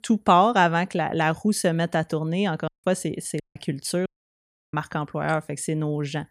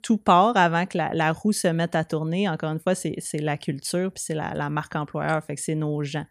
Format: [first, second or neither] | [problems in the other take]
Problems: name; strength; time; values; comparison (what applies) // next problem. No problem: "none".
second | audio cutting out; at 2.5 s, at 3.5 s and at 4 s for 0.5 s